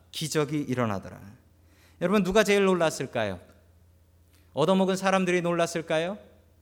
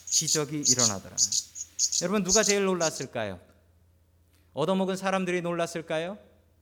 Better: first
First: none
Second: animal sounds; very loud; until 3 s; 4 dB above the speech

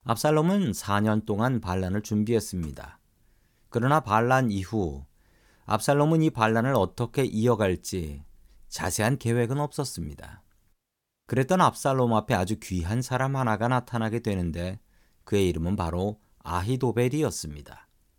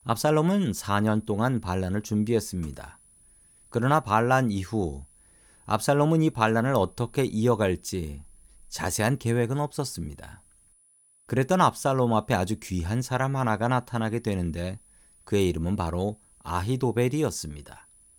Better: first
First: none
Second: high-pitched whine; faint; throughout; 10 kHz, 30 dB below the speech

